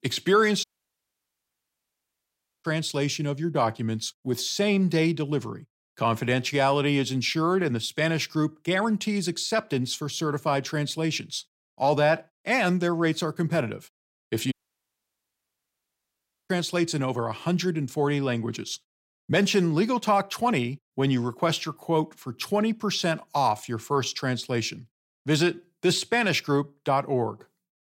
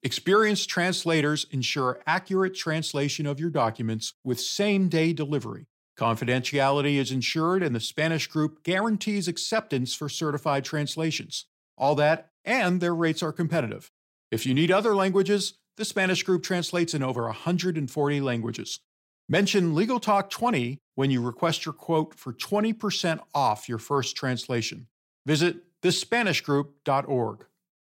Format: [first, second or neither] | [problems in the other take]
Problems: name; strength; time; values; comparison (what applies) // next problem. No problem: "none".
second | audio cutting out; at 0.5 s for 2 s and at 15 s for 2 s